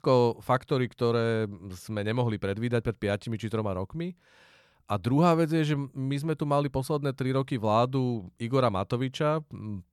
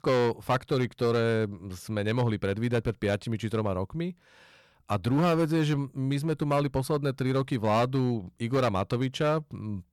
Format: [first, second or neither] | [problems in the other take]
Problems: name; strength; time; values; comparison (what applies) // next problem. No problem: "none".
first | distortion; slight; 7% of the sound clipped